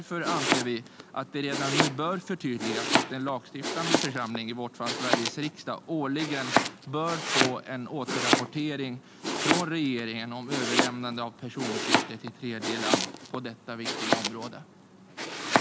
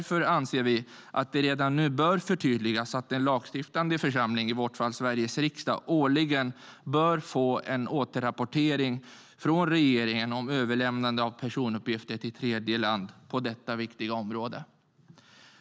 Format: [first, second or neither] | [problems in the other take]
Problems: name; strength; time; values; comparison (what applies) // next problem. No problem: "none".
second | background sound (Domestic sounds, home sounds); 3 dB above the speech